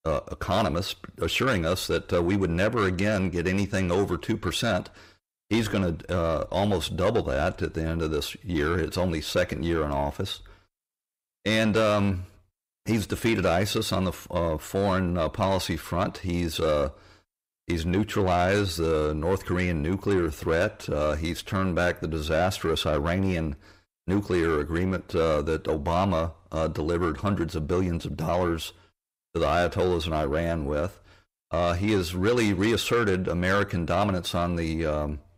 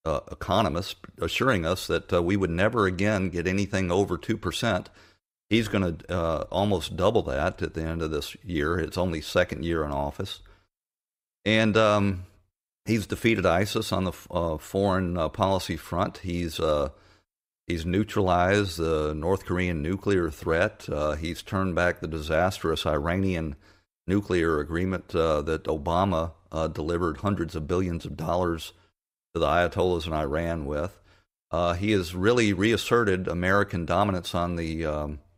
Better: second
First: distortion; slight; 10 dB below the speech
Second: none

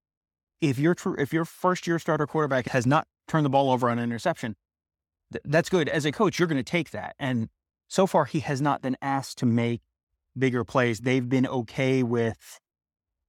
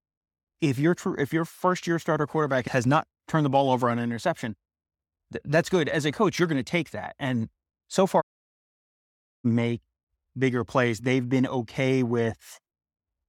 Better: first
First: none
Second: audio cutting out; at 8 s for 1 s

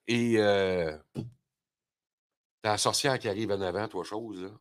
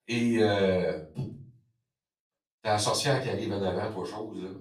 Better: first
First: none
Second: off-mic speech; far // room echo; slight; dies away in 0.4 s

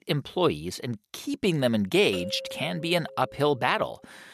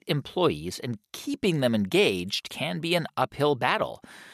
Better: second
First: doorbell; noticeable; from 2 to 3.5 s; peak 9 dB below the speech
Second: none

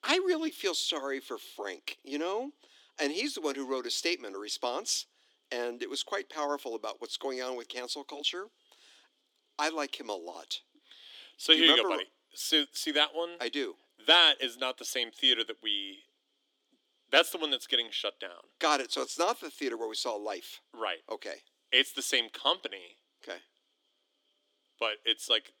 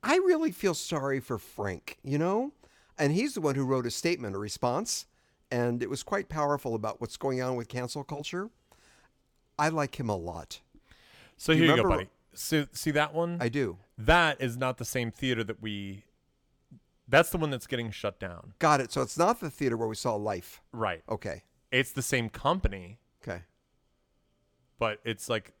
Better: second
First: thin; very slightly; fading below 300 Hz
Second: none

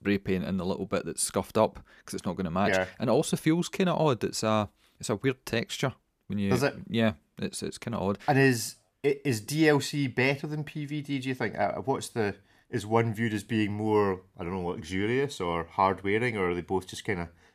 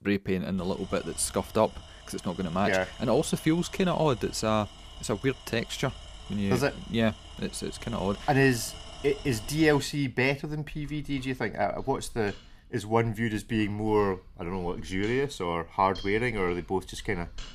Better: first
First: none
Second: machinery noise; noticeable; throughout; 15 dB below the speech

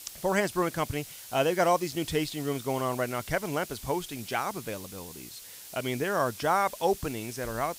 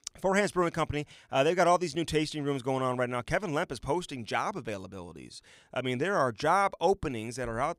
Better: second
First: hiss; noticeable; throughout; 15 dB below the speech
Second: none

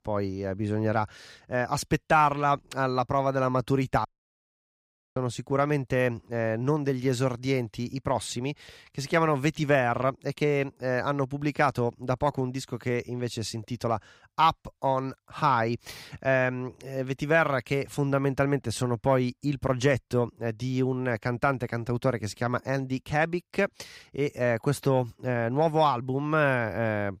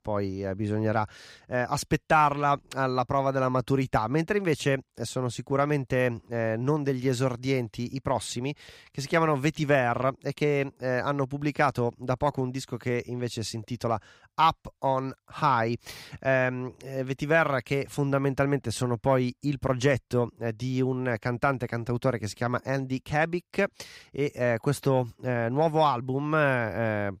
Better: second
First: audio cutting out; at 4 s for 1 s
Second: none

